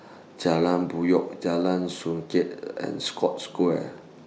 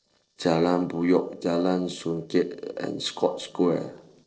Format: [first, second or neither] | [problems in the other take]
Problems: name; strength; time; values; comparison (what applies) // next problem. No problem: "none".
first | noise reduction (neural separator model SepFormer DNS4)